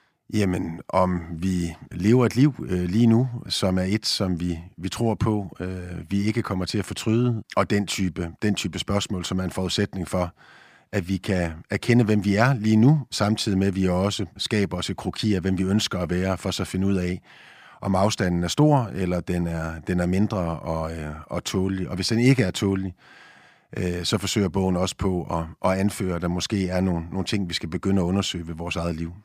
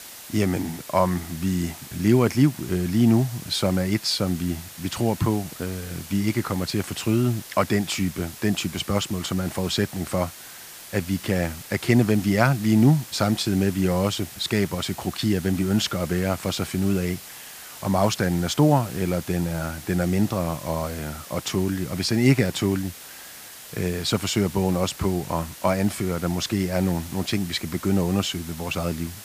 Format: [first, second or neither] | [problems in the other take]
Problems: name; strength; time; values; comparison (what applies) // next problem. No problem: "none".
first | hiss; noticeable; throughout; 15 dB below the speech